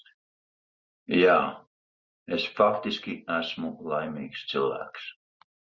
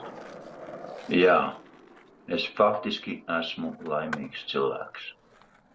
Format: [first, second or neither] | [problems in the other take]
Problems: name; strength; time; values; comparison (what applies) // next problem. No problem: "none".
first | background sound (Skateboard); 17 dB below the speech